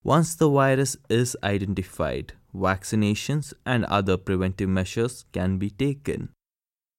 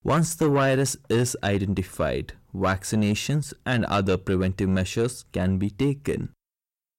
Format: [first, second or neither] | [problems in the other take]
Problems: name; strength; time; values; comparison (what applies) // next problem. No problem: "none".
first | distortion; slight; 10 dB below the speech